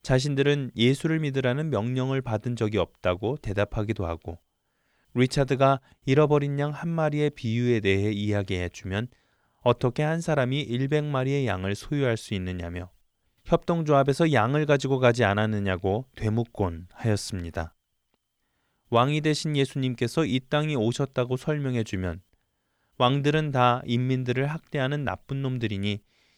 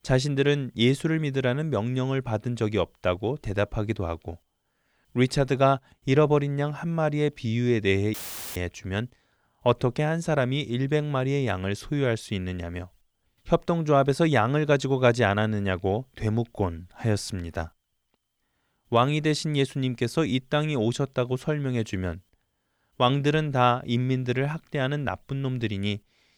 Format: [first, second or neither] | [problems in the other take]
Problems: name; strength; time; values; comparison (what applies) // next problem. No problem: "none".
first | audio cutting out; filled with static; at 8 s